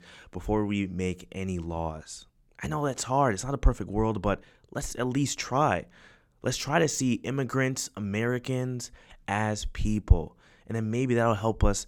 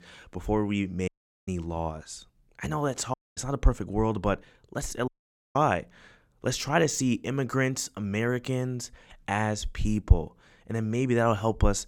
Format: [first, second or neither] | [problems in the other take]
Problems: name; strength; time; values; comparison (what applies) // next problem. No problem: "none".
first | audio cutting out; at 1 s, at 3 s and at 5 s